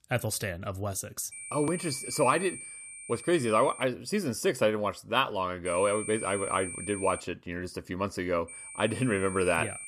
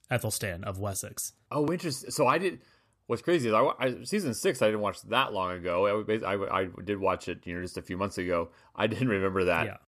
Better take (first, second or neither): second